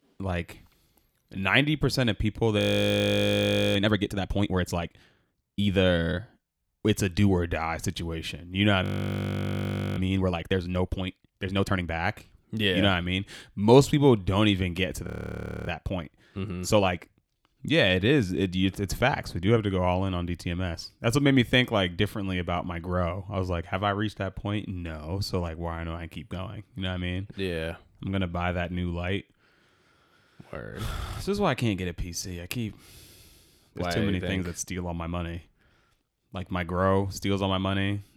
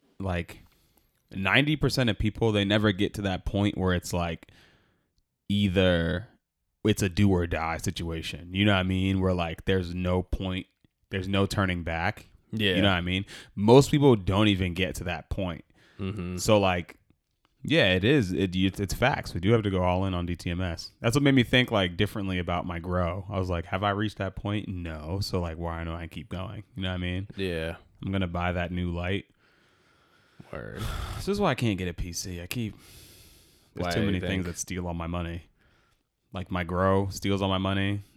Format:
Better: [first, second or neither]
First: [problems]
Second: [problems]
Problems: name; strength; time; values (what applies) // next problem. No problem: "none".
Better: second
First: audio freezing; at 2.5 s for 1 s, at 9 s for 1 s and at 15 s for 0.5 s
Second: none